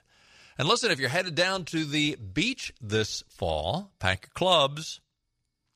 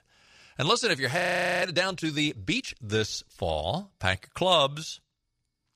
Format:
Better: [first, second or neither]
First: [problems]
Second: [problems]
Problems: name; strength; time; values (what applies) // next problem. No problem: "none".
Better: first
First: none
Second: audio freezing; at 1 s